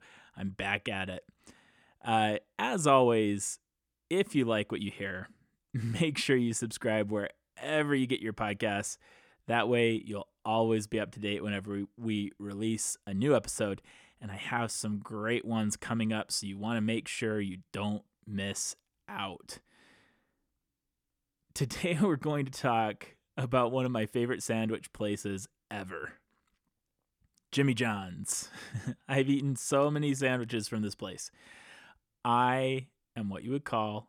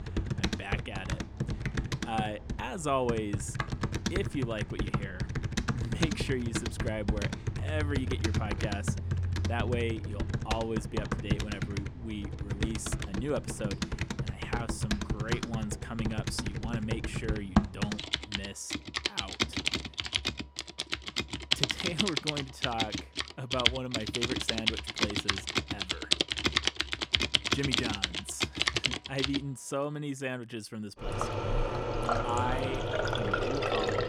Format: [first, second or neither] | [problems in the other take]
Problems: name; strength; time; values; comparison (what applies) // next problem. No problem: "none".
first | household noises; very loud; throughout; 5 dB above the speech